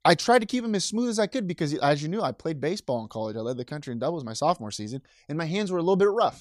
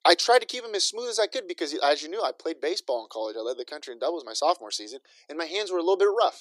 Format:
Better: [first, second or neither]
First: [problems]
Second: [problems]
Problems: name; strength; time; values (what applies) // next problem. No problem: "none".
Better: first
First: none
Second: thin; very; fading below 350 Hz